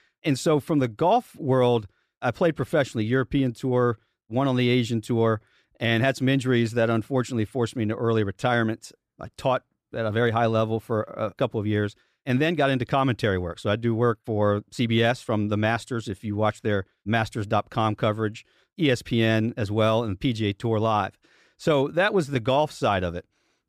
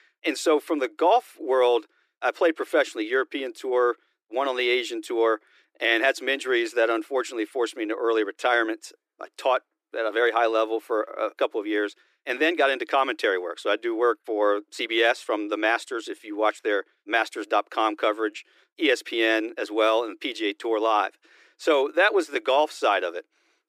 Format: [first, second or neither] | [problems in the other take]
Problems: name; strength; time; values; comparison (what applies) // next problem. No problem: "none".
first | thin; very; fading below 300 Hz